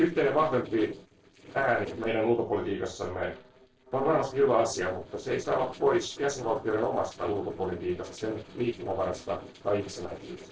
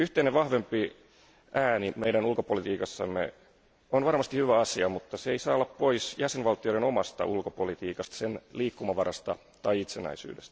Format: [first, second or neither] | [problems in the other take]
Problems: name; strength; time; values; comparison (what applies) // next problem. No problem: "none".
second | noise reduction (neural separator model SepFormer DNS4)